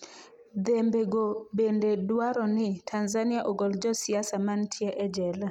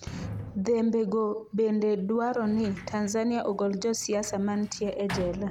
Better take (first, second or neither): first